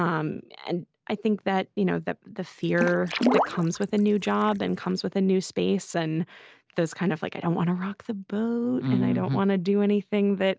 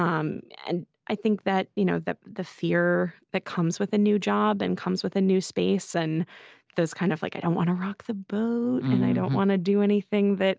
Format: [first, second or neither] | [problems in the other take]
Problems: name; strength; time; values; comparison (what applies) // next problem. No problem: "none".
second | background sound (Water / Splash, splatter); 4 dB below the speech